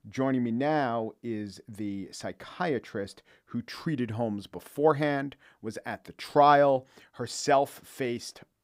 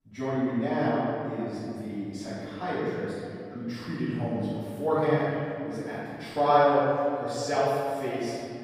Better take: first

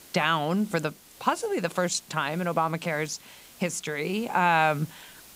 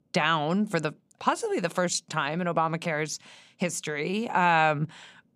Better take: second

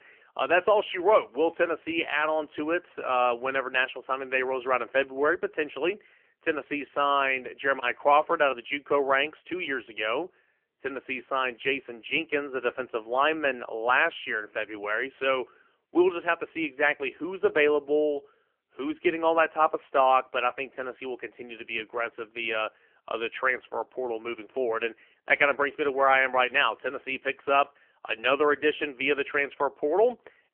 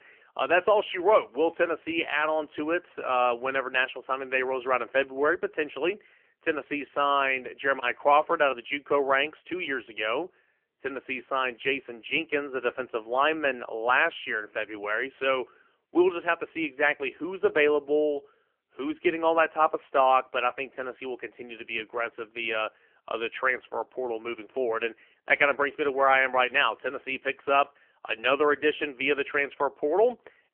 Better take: neither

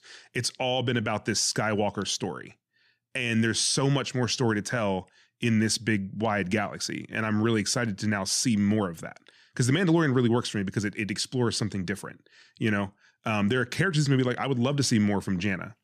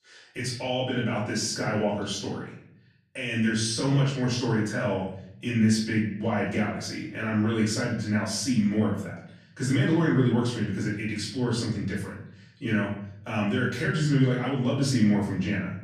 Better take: first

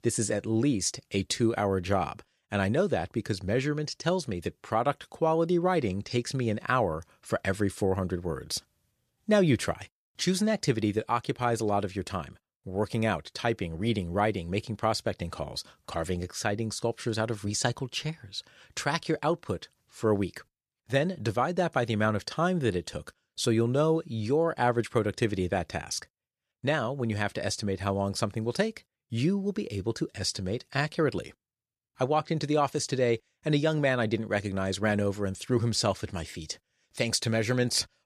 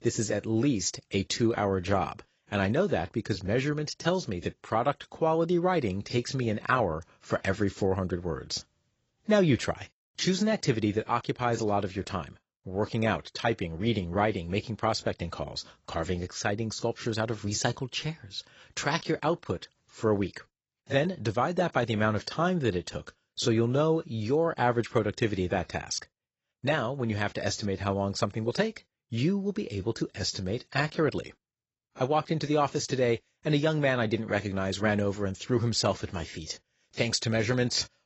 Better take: first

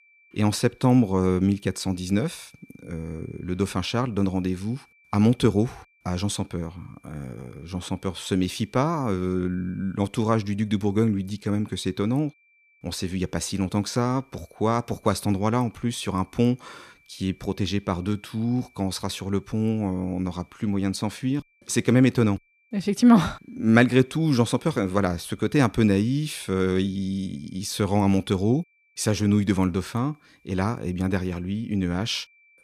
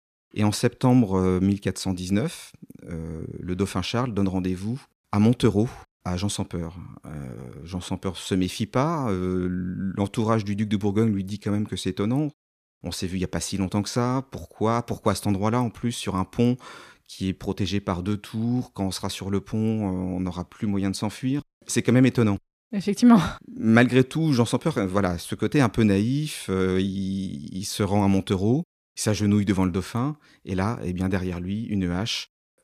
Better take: second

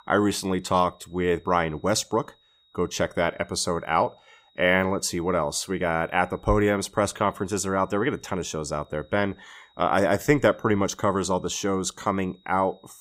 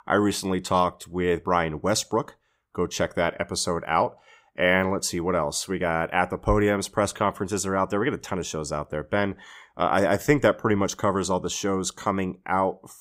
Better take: second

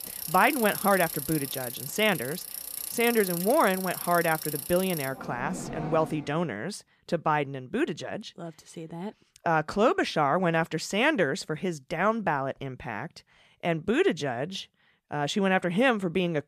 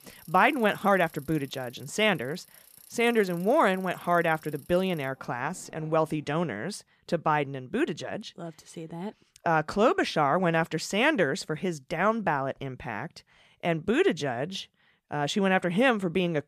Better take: second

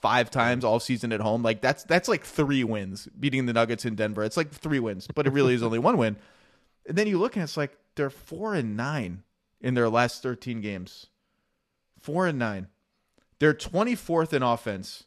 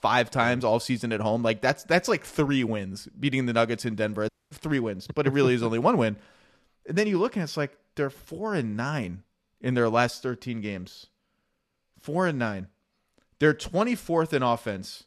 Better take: first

